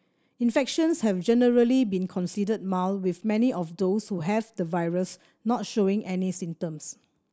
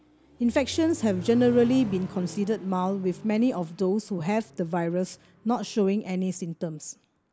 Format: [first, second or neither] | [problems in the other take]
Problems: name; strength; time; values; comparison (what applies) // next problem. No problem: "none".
first | background sound (Accelerating, revving, vroom); 17 dB below the speech